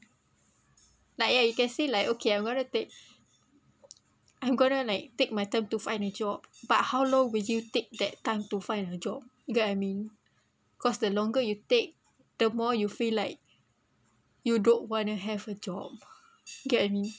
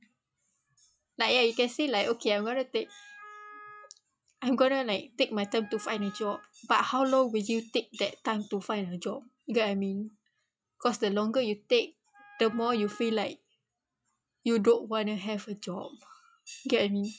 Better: first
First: none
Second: noise reduction (classical method log-MMSE)

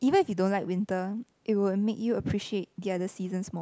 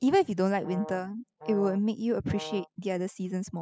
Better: first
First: none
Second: noise reduction (classical method spectral subtraction)

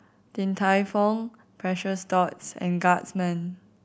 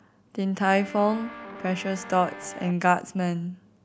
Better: first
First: none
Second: background sound (Guitar); 14 dB below the speech

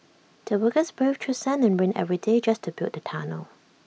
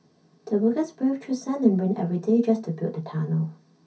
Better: first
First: none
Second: room echo; dies away in 0.3 s

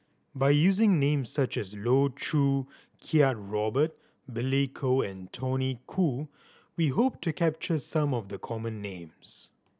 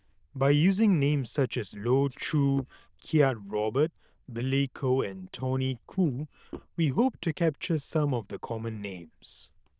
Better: first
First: none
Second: noise reduction (neural diffusion model UNIVERSE++)

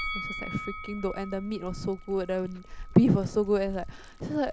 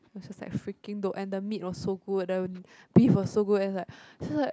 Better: second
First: background sound (Liquid + Bell); 11 dB below the speech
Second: none

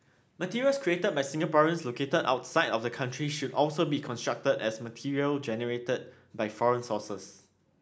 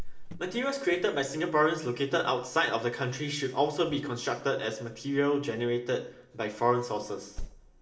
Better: first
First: none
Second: background sound (Cricket); 15 dB below the speech // room echo; dies away in 0.6 s

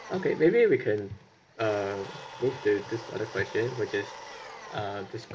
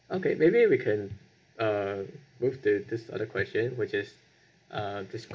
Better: second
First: background sound (Domestic sounds, home sounds); 15 dB below the speech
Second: none

